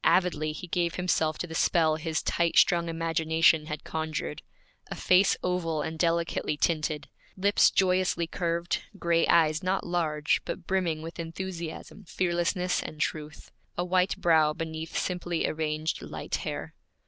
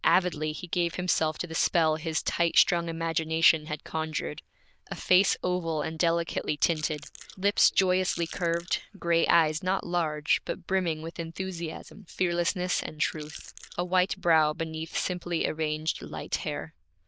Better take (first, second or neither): first